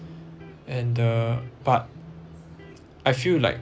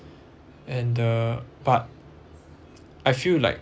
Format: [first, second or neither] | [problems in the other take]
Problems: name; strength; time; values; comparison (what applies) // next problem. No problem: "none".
second | background sound (Electric guitar); 12 dB below the speech